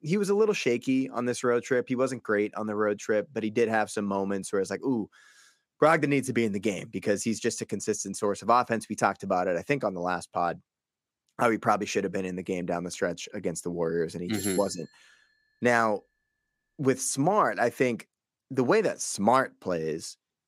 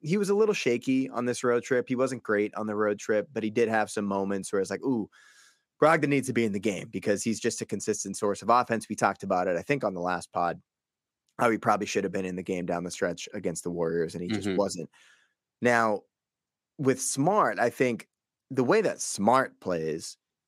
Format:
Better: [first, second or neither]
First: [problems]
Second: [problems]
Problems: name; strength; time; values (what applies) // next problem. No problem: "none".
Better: second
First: doorbell; noticeable; at 14 s; peak 8 dB below the speech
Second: none